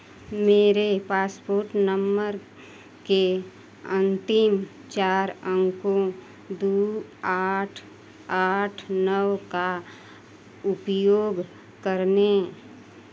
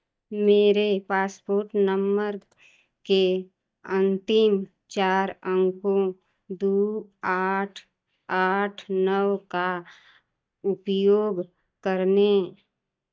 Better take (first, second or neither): first